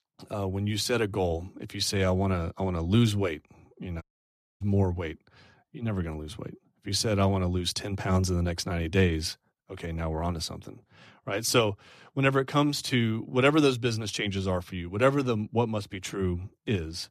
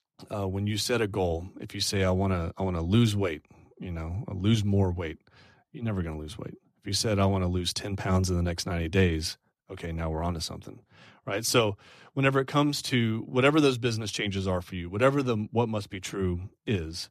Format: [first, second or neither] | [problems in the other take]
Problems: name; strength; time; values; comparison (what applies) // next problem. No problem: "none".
second | audio cutting out; at 4 s for 0.5 s